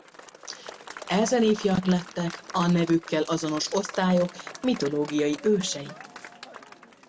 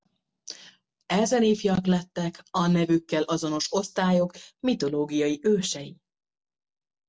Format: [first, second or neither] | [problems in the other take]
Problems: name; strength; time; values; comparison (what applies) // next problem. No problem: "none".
second | background sound (Applause / Crowd); 16 dB below the speech